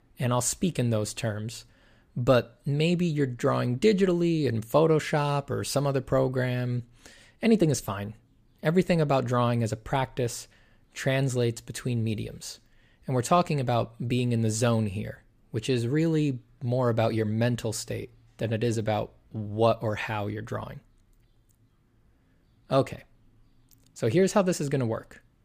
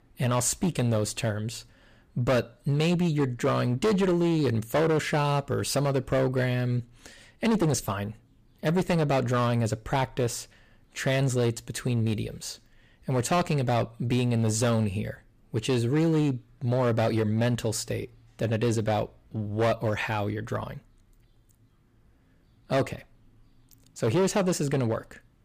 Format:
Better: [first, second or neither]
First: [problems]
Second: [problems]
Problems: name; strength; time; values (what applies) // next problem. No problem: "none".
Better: first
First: none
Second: distortion; slight; 9% of the sound clipped